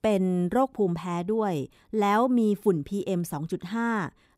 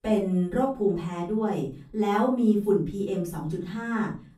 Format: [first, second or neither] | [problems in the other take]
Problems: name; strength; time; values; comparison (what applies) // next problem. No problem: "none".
first | off-mic speech; far // room echo; slight; dies away in 0.3 s